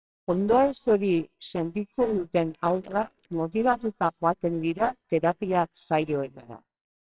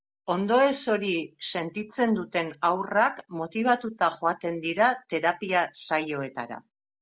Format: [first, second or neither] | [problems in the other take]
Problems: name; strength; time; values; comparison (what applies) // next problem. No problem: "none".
second | noise reduction (neural separator model SepFormer WHAMR!)